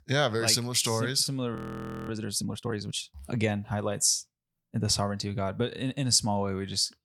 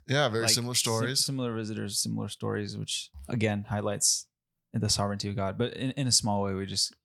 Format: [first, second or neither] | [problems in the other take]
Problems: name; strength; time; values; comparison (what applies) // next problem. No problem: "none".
second | audio freezing; at 1.5 s for 0.5 s